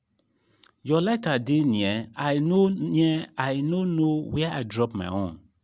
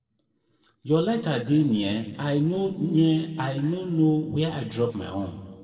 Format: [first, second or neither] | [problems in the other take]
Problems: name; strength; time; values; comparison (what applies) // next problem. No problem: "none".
first | noise reduction (neural separator model SepFormer DNS4)